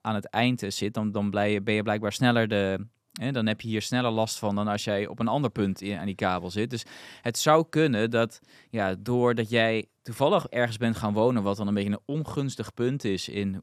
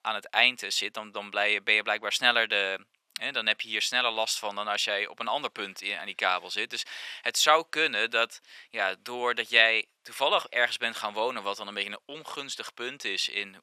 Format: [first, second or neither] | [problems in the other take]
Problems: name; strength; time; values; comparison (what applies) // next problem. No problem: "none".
first | thin; very; fading below 700 Hz